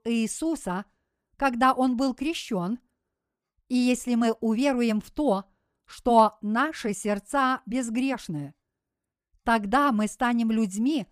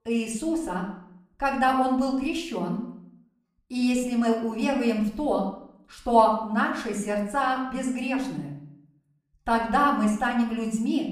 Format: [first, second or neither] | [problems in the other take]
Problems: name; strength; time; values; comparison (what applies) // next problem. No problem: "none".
first | off-mic speech; far // room echo; slight; dies away in 0.6 s